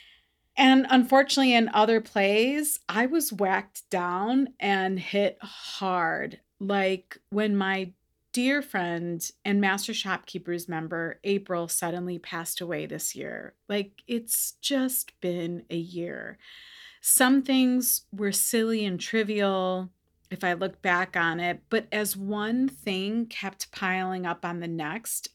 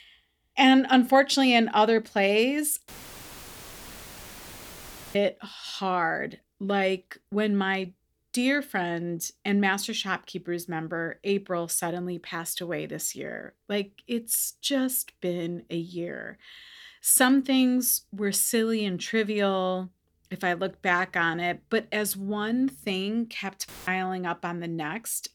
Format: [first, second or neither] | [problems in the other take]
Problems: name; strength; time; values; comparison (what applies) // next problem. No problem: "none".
first | audio cutting out; filled with static; at 3 s for 2.5 s and at 24 s